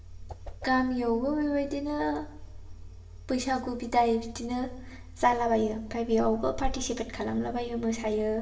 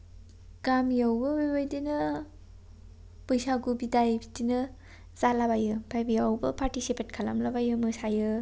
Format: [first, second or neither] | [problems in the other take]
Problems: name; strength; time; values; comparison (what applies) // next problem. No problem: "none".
second | background sound (Whoosh, swoosh, swish); 18 dB below the speech // room echo; dies away in 0.8 s